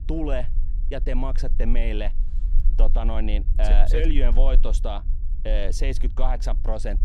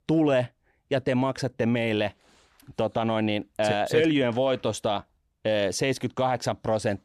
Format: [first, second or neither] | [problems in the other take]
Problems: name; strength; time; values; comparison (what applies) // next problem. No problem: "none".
second | low rumble; noticeable; throughout; 20 dB below the speech